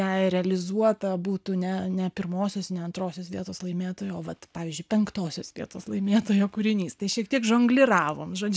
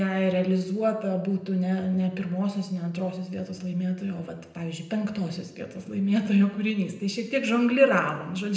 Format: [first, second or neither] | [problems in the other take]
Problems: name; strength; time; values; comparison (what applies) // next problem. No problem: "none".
first | room echo; dies away in 0.8 s